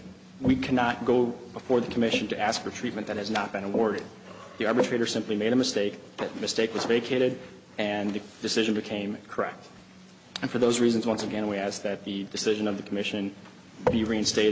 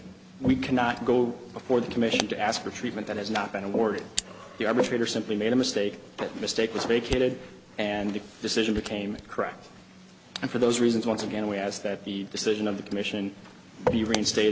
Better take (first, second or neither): first